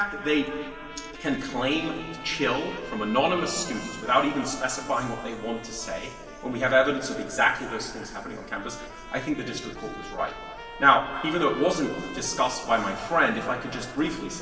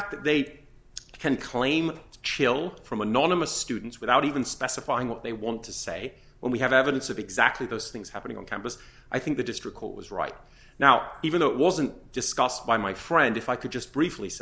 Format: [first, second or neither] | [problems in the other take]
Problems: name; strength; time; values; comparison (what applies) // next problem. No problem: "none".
second | background sound (Trumpet); 15 dB below the speech // room echo; dies away in 2.8 s